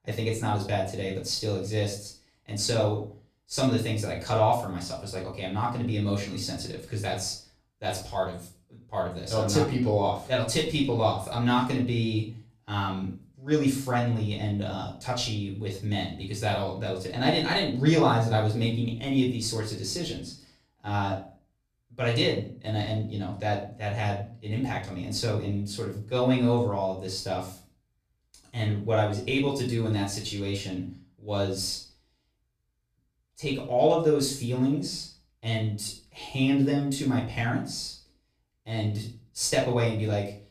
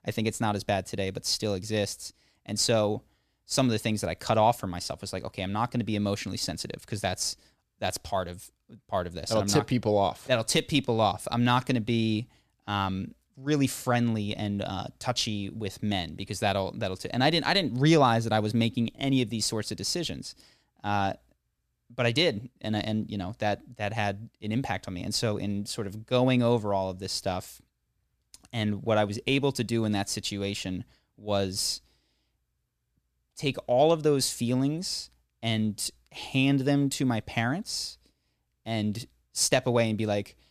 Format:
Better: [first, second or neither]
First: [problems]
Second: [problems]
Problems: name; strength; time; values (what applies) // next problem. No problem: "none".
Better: second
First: off-mic speech; far // room echo; slight; dies away in 0.4 s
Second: none